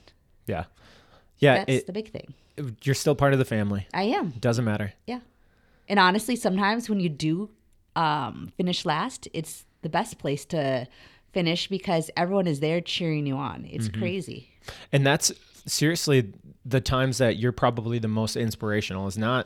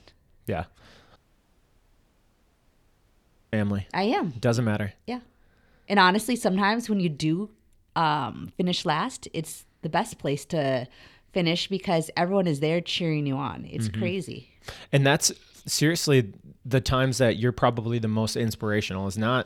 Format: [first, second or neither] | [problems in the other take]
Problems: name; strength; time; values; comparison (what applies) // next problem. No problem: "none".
first | audio cutting out; at 1 s for 2.5 s